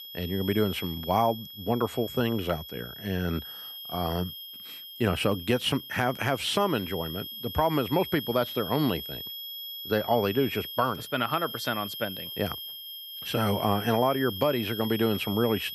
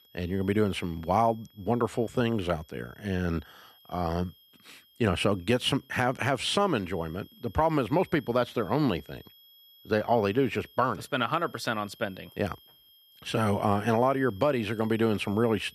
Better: second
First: high-pitched whine; loud; throughout; 3 kHz, 9 dB below the speech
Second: high-pitched whine; faint; throughout; 3 kHz, 25 dB below the speech

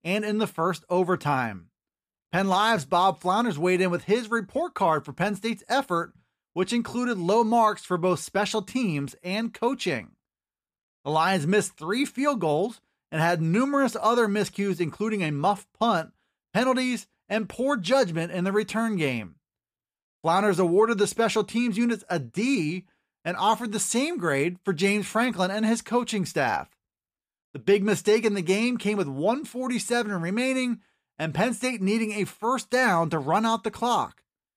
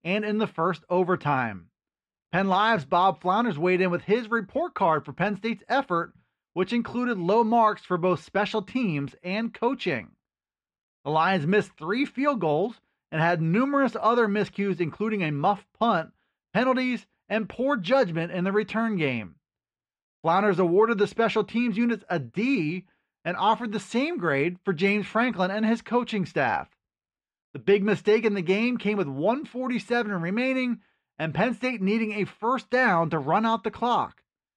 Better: first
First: none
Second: muffled; slightly; fading above 3 kHz

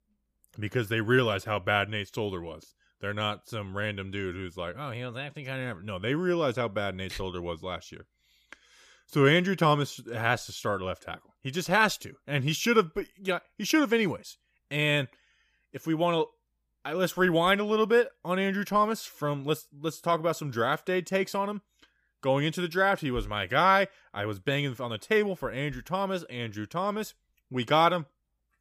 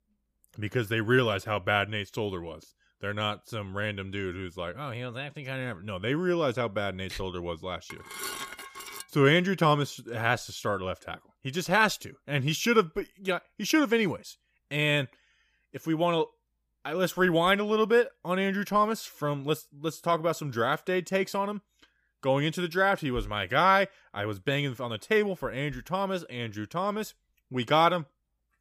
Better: first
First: none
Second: clattering dishes; noticeable; from 8 to 9 s; peak 7 dB below the speech

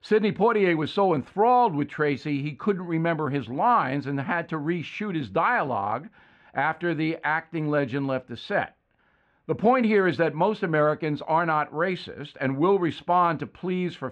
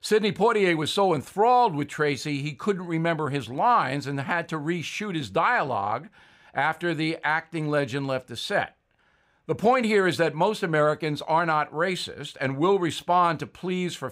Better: second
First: muffled; slightly; fading above 2.5 kHz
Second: none

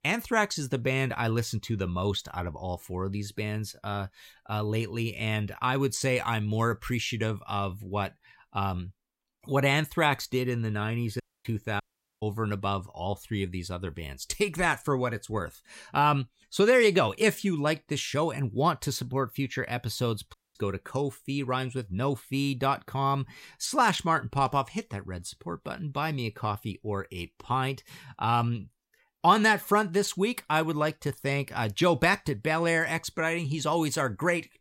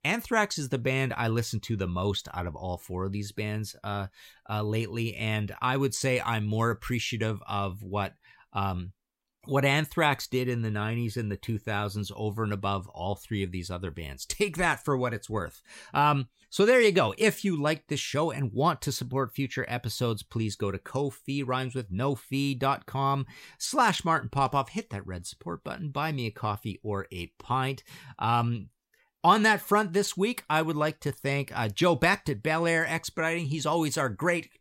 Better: second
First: audio cutting out; at 11 s, at 12 s and at 20 s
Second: none

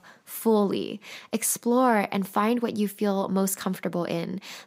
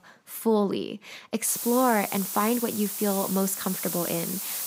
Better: first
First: none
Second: hiss; loud; from 1.5 s on; 4 dB below the speech

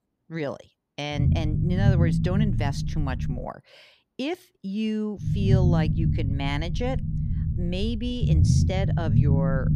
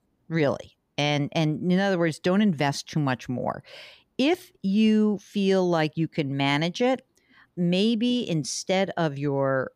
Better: second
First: low rumble; loud; from 1 to 3.5 s and from 5.5 s on; 2 dB below the speech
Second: none

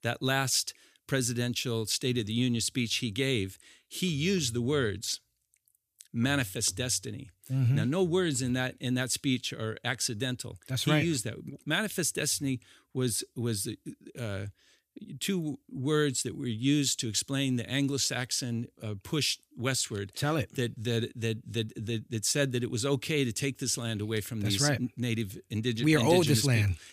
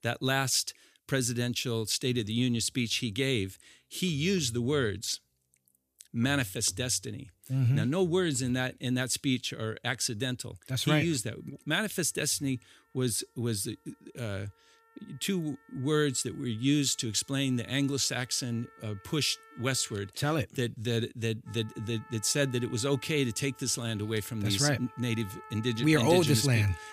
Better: first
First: none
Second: background music; faint; throughout; 25 dB below the speech

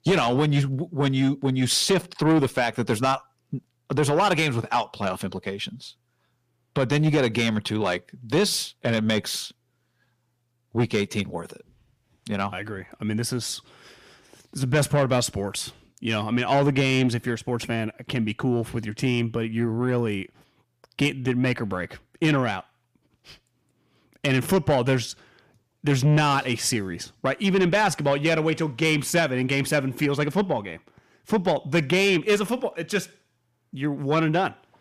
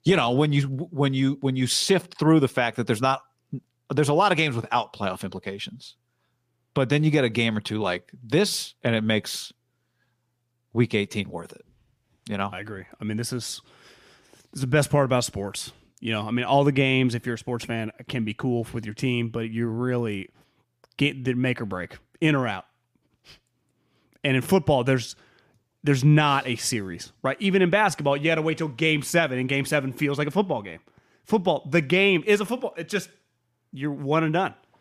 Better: second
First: distortion; slight; 10 dB below the speech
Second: none

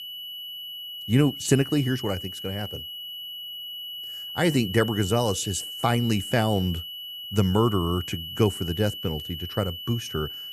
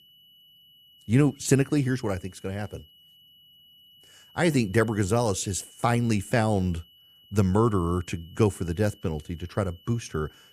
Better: second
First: high-pitched whine; loud; throughout; 3 kHz, 8 dB below the speech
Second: high-pitched whine; faint; throughout; 3 kHz, 25 dB below the speech

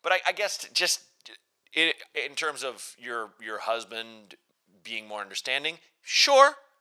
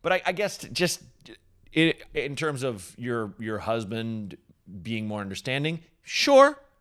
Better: second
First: thin; very; fading below 750 Hz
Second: none

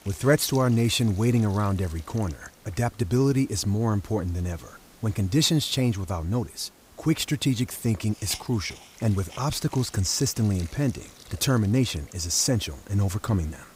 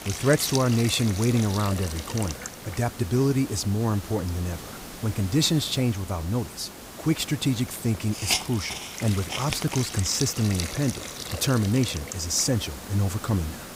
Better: first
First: hiss; faint; throughout; 20 dB below the speech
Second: hiss; loud; throughout; 8 dB below the speech

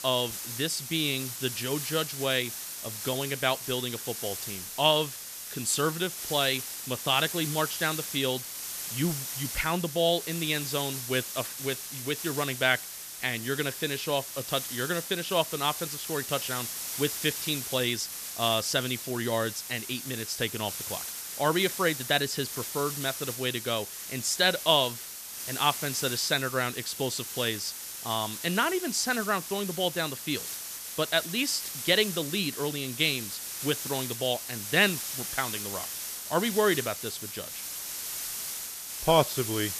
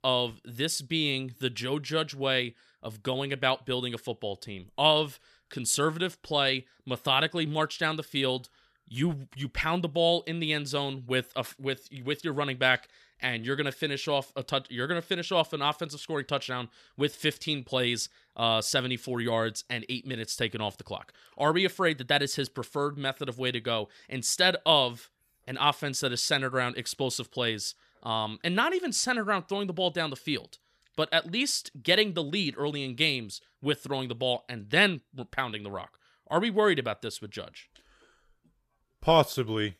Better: second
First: hiss; loud; throughout; 6 dB below the speech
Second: none

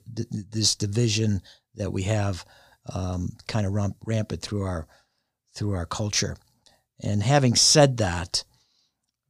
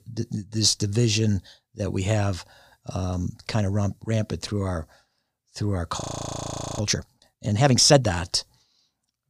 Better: first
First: none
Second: audio freezing; at 6 s for 1 s

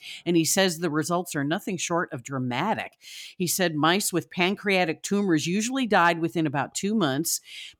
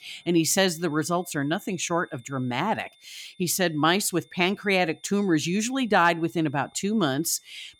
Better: first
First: none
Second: high-pitched whine; faint; throughout; 3.5 kHz, 30 dB below the speech

